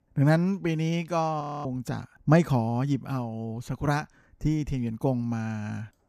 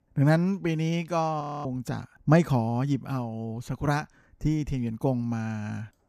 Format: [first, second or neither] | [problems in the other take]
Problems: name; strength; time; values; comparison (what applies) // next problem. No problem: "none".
neither | audio freezing; at 1.5 s; the same in both